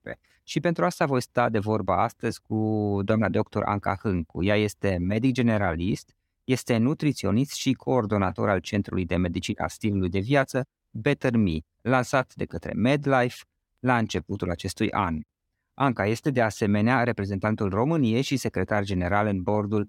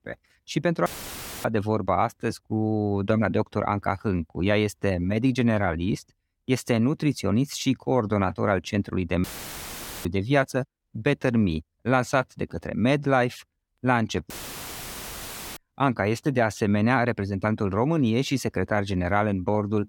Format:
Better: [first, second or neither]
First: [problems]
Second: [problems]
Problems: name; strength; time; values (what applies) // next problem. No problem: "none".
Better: first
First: none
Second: audio cutting out; filled with static; at 1 s for 0.5 s, at 9 s for 1 s and at 14 s for 1.5 s